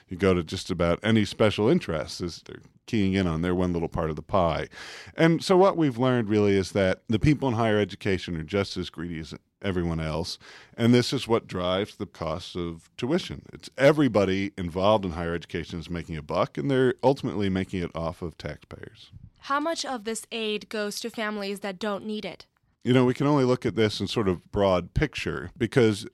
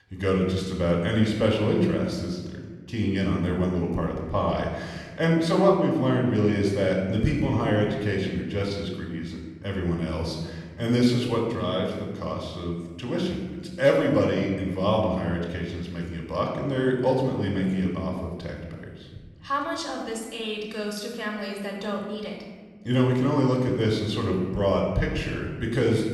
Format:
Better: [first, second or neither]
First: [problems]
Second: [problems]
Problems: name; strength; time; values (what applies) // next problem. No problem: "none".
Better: first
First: none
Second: off-mic speech; somewhat distant // room echo; noticeable; dies away in 1.4 s